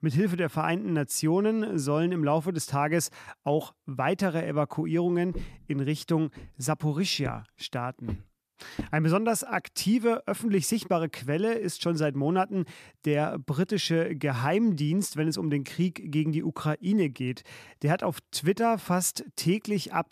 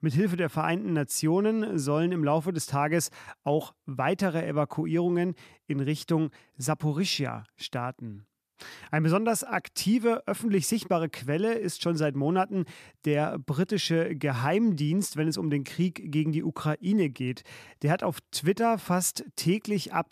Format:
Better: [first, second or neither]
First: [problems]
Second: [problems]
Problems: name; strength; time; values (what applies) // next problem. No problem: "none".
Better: second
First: footsteps; faint; from 5.5 to 9 s; peak 10 dB below the speech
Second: none